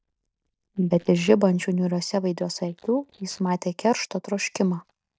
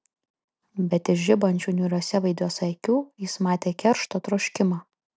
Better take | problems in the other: second | noise reduction (neural mask model DeepFilterNet 3)

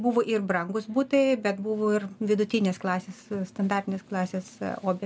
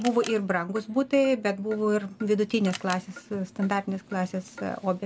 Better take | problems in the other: first | background sound (Clock + Camera); 19 dB below the speech

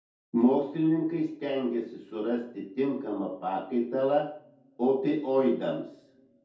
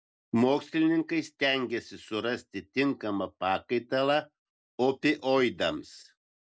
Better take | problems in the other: second | room echo; dies away in 0.6 s

